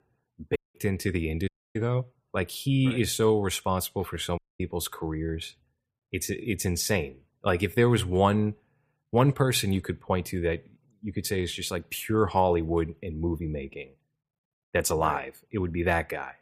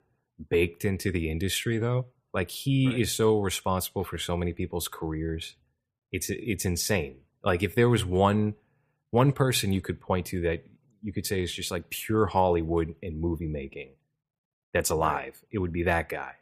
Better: second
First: audio cutting out; at 0.5 s, at 1.5 s and at 4.5 s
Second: none

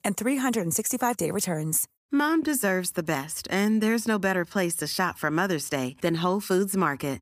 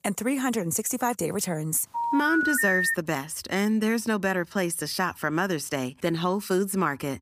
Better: first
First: none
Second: phone ringing; loud; from 2 to 3 s; peak 3 dB above the speech

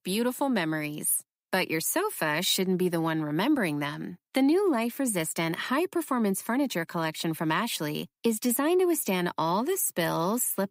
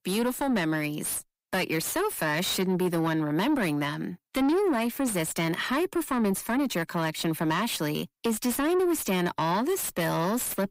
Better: first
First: none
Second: distortion; slight; 10 dB below the speech

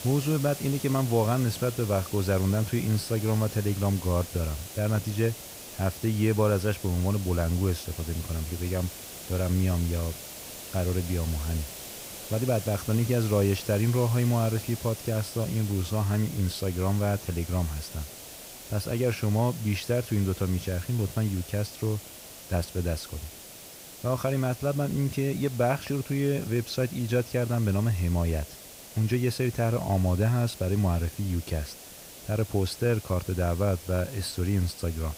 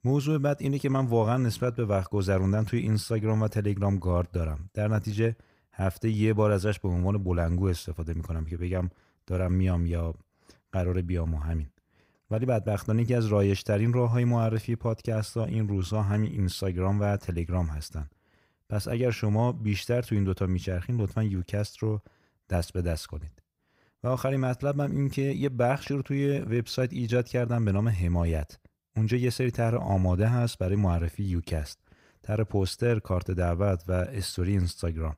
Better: second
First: hiss; noticeable; throughout; 10 dB below the speech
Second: none

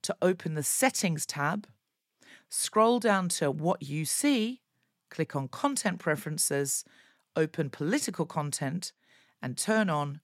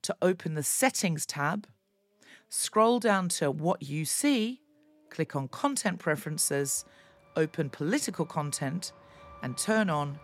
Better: first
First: none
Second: traffic noise; faint; throughout; 25 dB below the speech

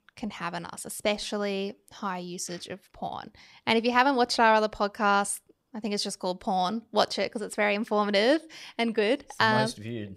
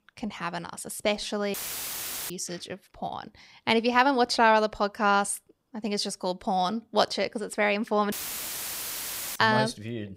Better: first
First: none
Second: audio cutting out; filled with static; at 1.5 s for 1 s and at 8 s for 1 s

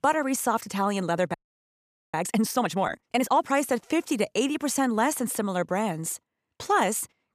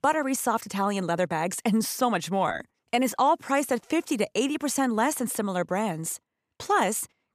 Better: second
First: audio freezing; at 1.5 s for 1 s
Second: none

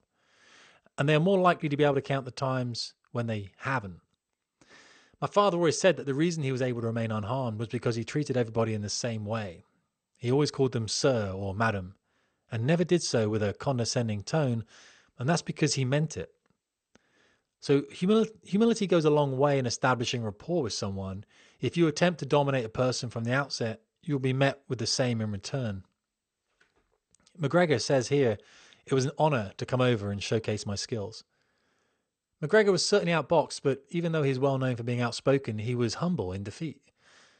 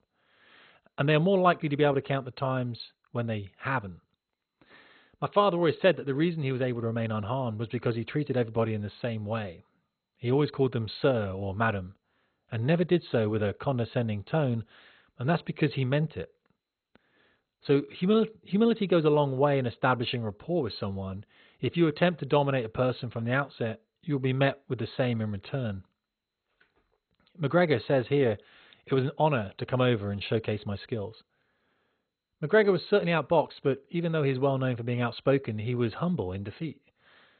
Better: first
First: garbled, watery; slightly; nothing above 8.5 kHz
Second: garbled, watery; badly; nothing above 4 kHz

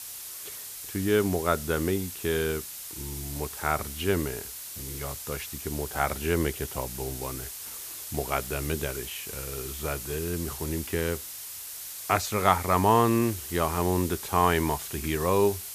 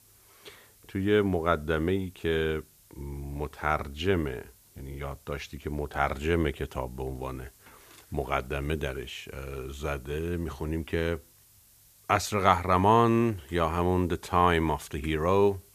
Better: second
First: hiss; loud; throughout; 8 dB below the speech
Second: hiss; faint; throughout; 30 dB below the speech

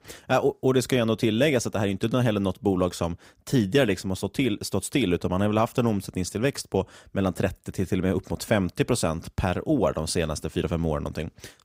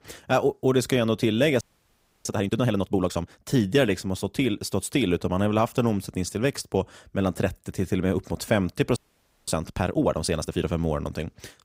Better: first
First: none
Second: audio freezing; at 1.5 s for 0.5 s and at 9 s for 0.5 s

